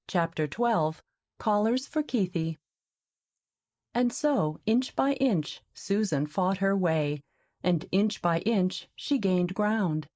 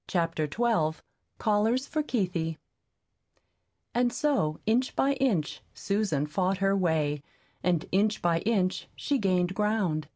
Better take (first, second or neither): second